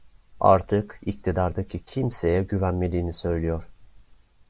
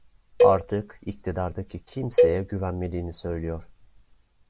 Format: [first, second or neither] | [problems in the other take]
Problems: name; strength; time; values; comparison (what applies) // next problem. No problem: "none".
first | background sound (Cowbell); 3 dB above the speech